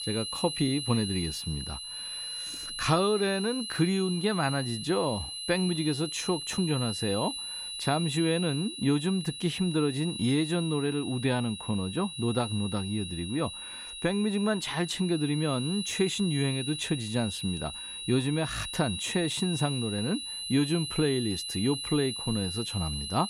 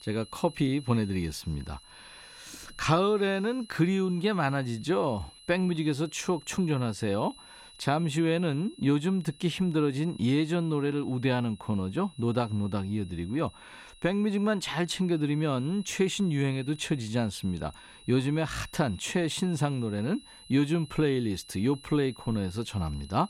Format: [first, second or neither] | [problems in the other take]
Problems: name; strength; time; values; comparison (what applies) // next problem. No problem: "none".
second | high-pitched whine; loud; throughout; 4 kHz, 6 dB below the speech; faint in the second